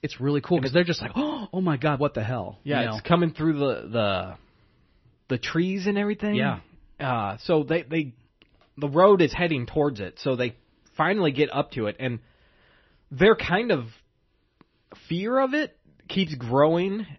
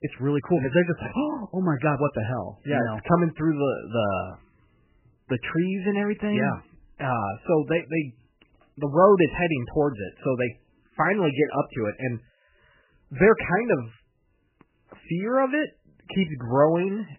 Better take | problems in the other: first | garbled, watery; badly; nothing above 3 kHz; slightly in the first

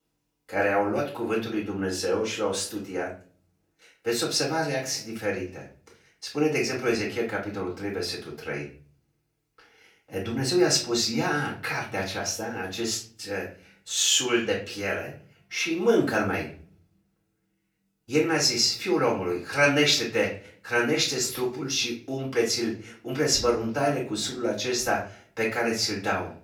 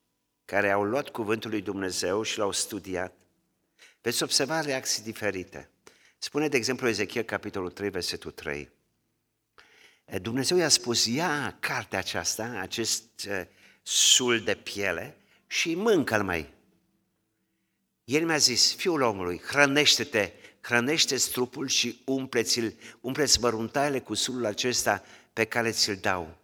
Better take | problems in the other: second | off-mic speech; far // room echo; slight; dies away in 0.4 s

